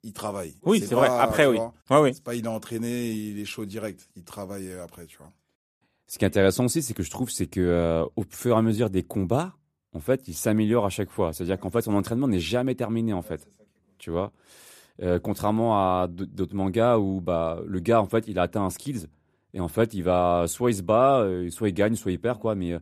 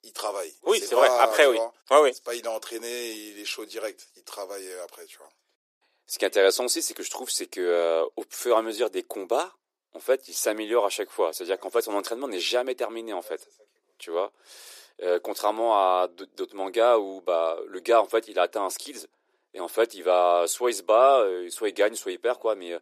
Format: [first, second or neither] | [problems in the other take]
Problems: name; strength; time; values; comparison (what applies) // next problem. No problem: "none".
first | thin; very; fading below 350 Hz